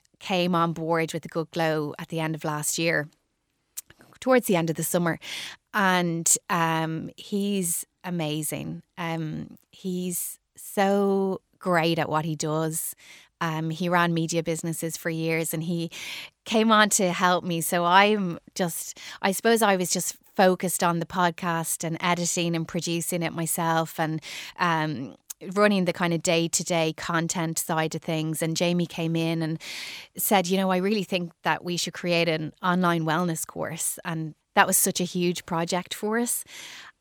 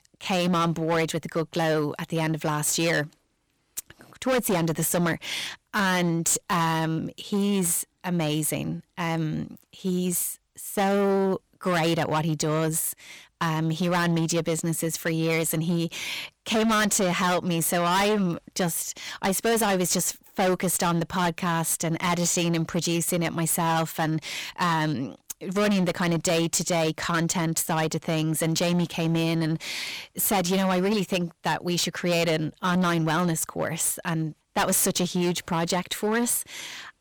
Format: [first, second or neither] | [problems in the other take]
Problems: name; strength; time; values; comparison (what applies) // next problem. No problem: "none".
first | distortion; heavy; 16% of the sound clipped